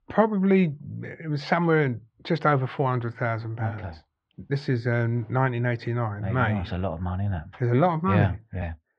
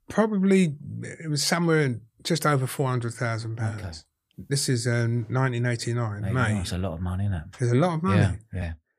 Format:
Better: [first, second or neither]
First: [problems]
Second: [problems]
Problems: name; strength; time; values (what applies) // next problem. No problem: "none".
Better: second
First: muffled; very; fading above 3.5 kHz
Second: none